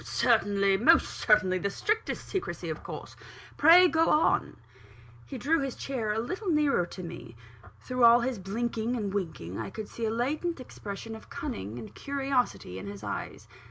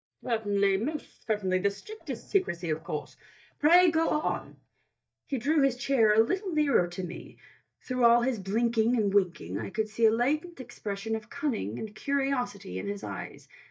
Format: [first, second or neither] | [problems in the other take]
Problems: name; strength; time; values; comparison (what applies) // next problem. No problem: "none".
first | noise reduction (neural mask model DeepFilterNet 3)